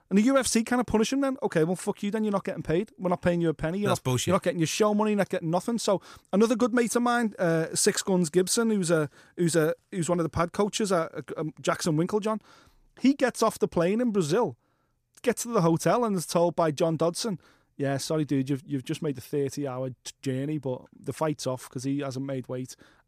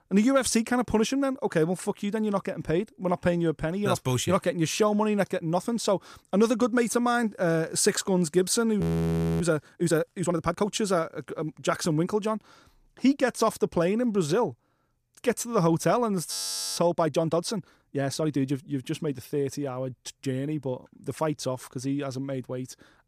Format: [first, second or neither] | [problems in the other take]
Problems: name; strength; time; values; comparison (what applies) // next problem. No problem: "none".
first | audio freezing; at 9 s for 0.5 s and at 16 s